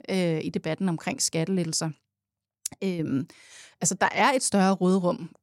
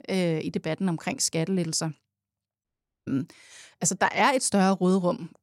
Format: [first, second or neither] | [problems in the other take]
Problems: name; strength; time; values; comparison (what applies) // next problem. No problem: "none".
first | audio cutting out; at 2.5 s